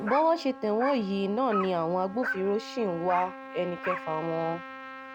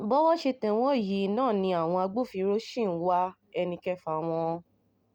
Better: second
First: background sound (Dog + Trumpet); 9 dB below the speech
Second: none

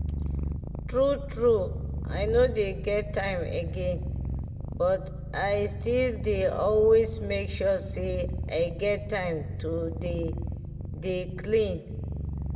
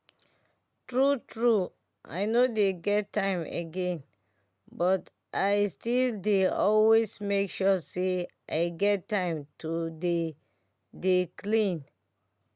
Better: second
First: background sound (Purr); 5 dB below the speech // room echo; dies away in 1.2 s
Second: none

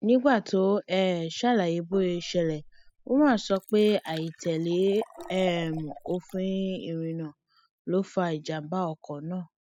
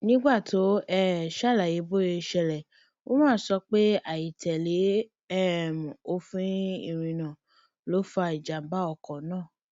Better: second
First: noise reduction (classical method spectral subtraction)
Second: none

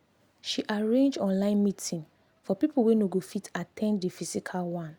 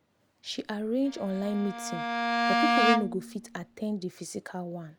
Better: first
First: none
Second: background sound (Bowed string instrument); 3 dB above the speech

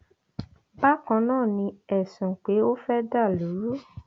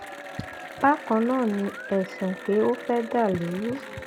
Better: first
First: none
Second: background sound (Applause / Cheering); 13 dB below the speech

